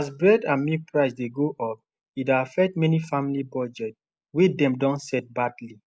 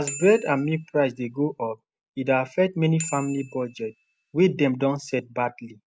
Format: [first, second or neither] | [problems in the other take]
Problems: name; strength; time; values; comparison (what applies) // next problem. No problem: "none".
first | background sound (Bicycle bell); 18 dB below the speech